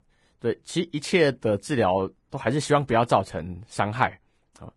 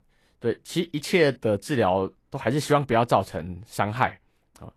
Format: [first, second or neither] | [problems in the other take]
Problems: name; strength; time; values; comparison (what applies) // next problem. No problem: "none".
second | garbled, watery; badly; nothing above 10 kHz; slightly in the second